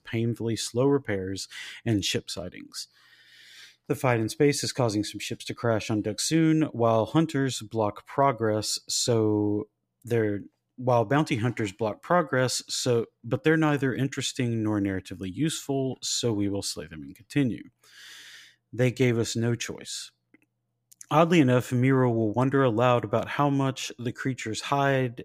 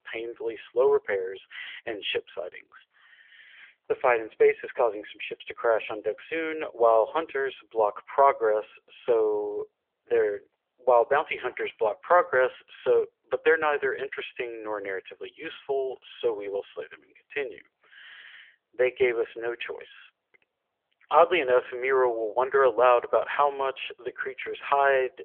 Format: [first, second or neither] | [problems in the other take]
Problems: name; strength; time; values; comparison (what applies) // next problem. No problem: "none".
first | phone-call audio; nothing above 3.5 kHz